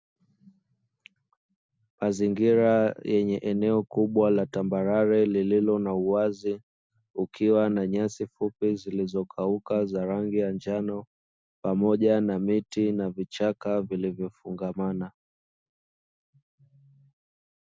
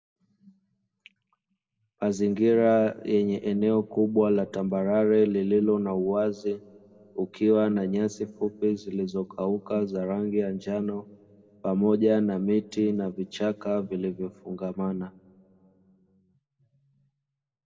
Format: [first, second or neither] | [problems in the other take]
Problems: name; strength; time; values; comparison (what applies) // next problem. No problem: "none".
first | room echo; dies away in 1.4 s